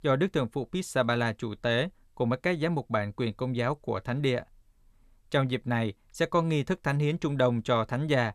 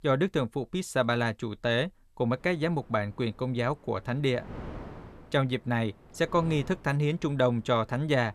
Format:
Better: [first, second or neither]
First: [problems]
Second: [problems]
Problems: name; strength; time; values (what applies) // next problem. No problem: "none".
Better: first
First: none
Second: wind noise on the microphone; occasional gusts; from 2.5 s on; 20 dB below the speech